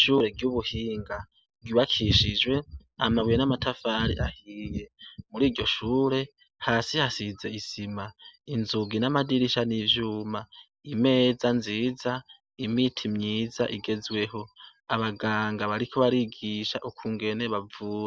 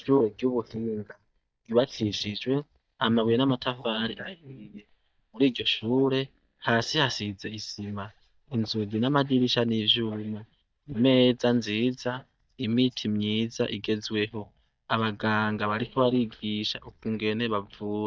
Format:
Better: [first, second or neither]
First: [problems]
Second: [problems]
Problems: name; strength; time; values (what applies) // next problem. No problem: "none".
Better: first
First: none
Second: noise reduction (neural mask model DeepFilterNet 3)